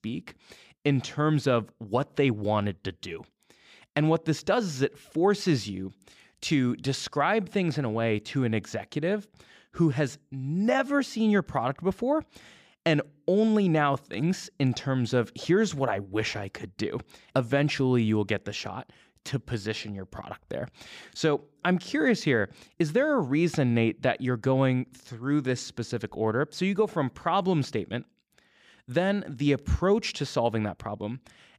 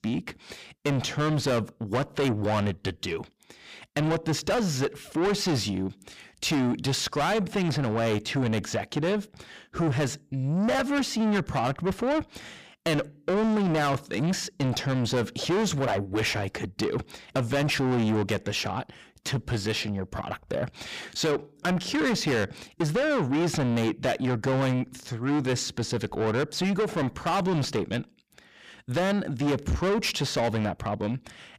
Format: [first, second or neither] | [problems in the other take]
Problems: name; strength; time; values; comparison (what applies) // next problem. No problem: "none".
first | distortion; heavy; 6 dB below the speech